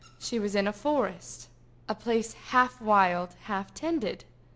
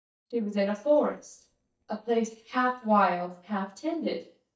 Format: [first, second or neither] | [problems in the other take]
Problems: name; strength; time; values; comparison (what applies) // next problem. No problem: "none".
first | noise reduction (neural mask model DeepFilterNet 3)